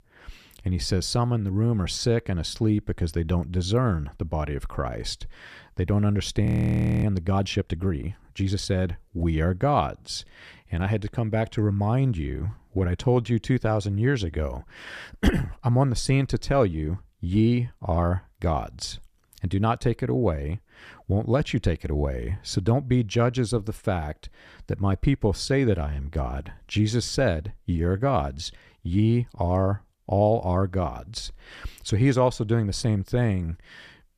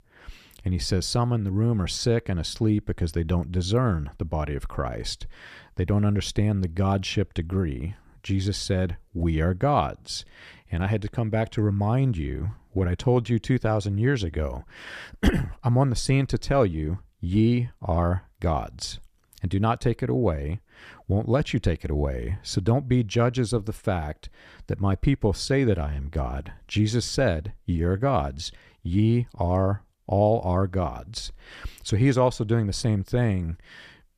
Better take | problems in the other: second | audio freezing; at 6.5 s for 0.5 s

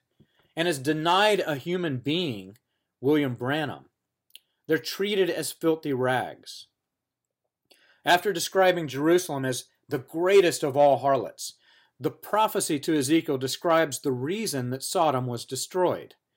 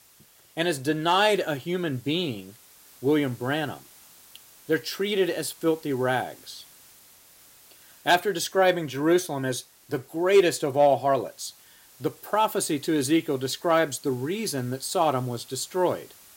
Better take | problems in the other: first | hiss; faint; throughout; 25 dB below the speech

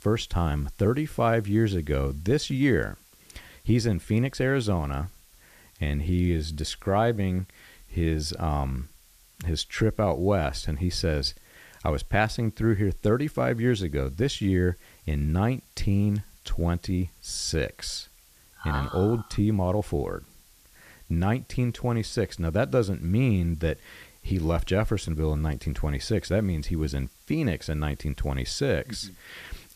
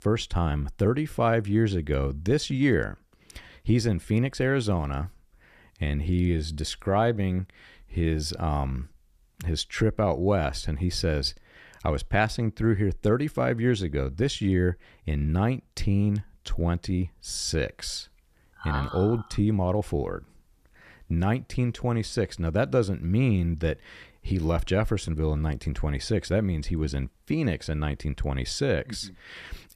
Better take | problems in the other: second | hiss; faint; throughout; 30 dB below the speech

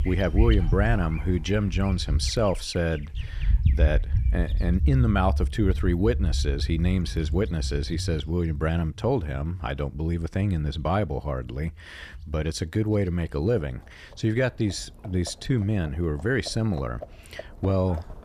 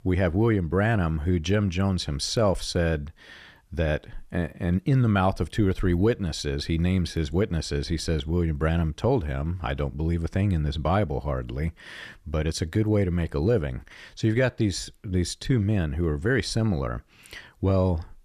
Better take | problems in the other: second | animal sounds; loud; throughout; 2 dB below the speech

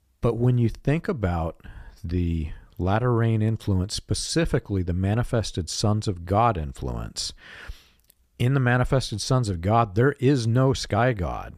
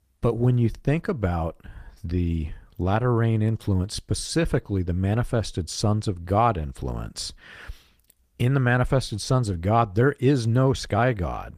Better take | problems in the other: first | garbled, watery; slightly; nothing above 15 kHz

